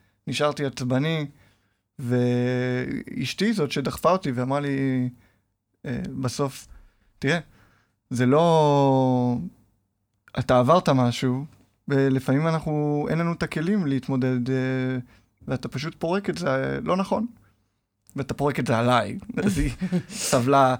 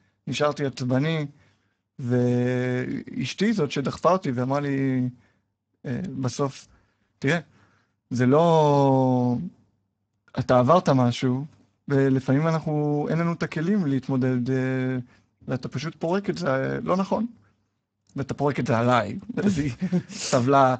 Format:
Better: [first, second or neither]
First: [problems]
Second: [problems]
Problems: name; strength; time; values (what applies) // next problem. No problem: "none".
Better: first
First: none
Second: garbled, watery; badly; nothing above 8 kHz